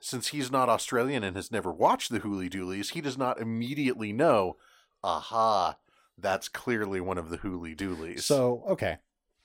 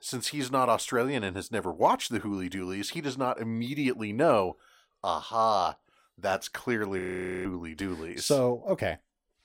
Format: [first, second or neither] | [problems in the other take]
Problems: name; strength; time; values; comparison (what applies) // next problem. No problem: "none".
first | audio freezing; at 7 s